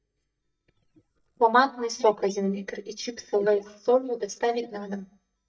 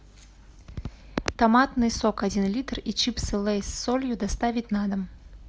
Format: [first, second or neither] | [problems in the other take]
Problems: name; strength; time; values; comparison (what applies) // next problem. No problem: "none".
second | noise reduction (neural mask model DeepFilterNet 3)